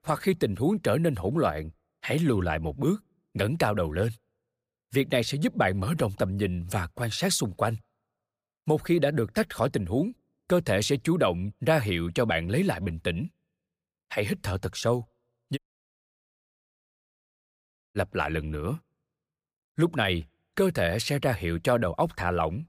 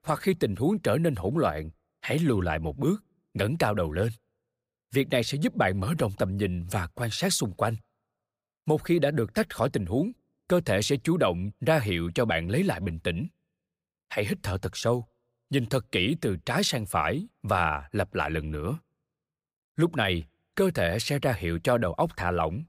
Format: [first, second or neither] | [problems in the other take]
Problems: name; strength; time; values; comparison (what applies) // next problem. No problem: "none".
second | audio cutting out; at 16 s for 2.5 s